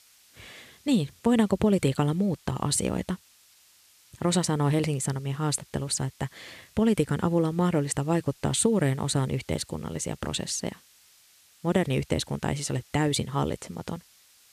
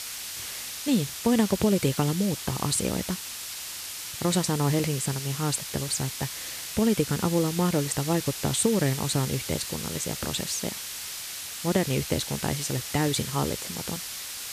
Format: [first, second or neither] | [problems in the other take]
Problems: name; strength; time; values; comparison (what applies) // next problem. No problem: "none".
first | hiss; loud; throughout; 6 dB below the speech; faint in the first